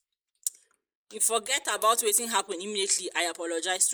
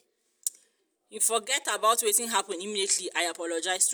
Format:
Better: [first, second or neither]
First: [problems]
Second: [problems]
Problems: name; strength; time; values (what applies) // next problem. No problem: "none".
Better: second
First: noise reduction (neural mask model Resemble Enhance denoiser)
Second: none